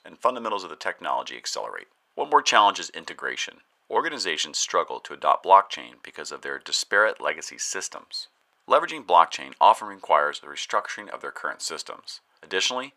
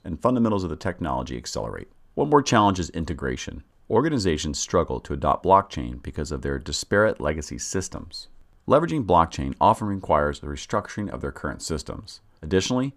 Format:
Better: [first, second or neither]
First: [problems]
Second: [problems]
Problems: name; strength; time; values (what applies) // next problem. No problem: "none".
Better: second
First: thin; very; fading below 750 Hz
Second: none